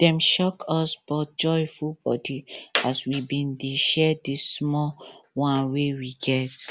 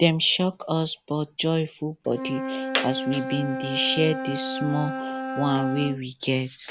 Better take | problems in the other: first | background sound (Wind instrument, woodwind instrument); 7 dB below the speech

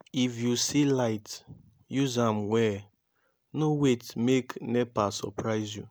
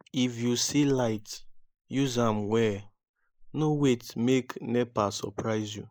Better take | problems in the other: first | noise reduction (neural mask model Resemble Enhance denoiser)

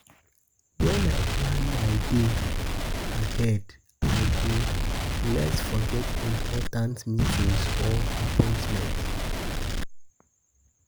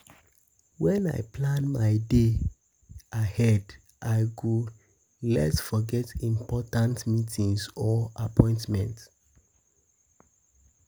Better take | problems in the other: second | background sound (Explosion); 3 dB above the speech

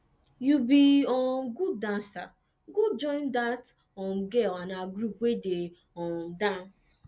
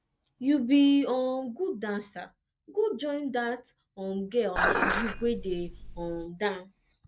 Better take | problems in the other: first | noise reduction (neural mask model DeepFilterNet 3)

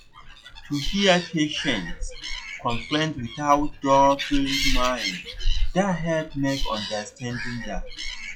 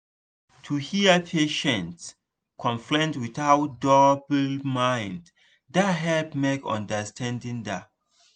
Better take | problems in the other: second | noise reduction (classical method log-MMSE)

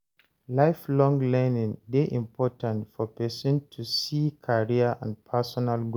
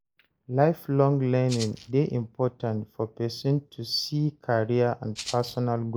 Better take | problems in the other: first | noise reduction (neural mask model Resemble Enhance denoiser)

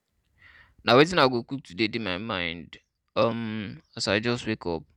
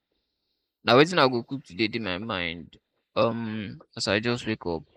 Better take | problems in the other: first | noise reduction (neural mask model Resemble Enhance denoiser)

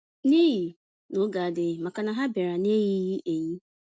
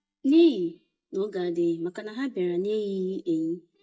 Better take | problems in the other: first | noise reduction (neural mask model DeepFilterNet 3)

